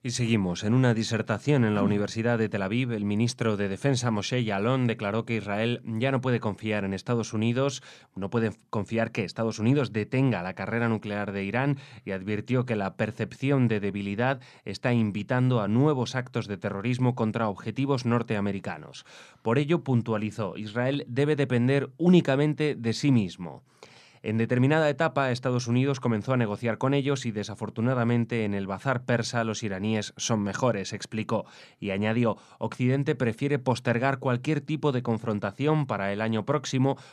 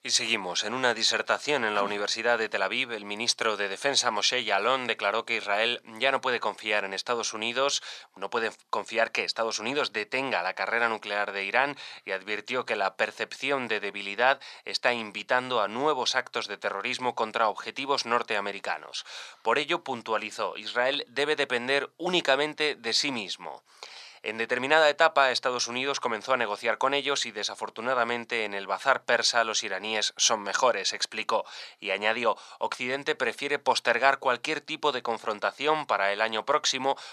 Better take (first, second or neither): first